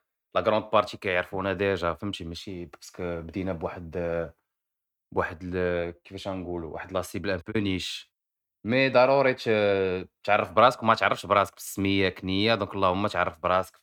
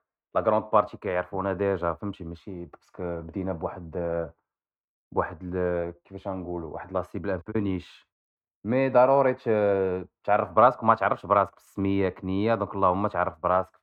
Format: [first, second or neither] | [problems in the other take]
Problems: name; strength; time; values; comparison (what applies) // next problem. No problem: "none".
first | muffled; very; fading above 2.5 kHz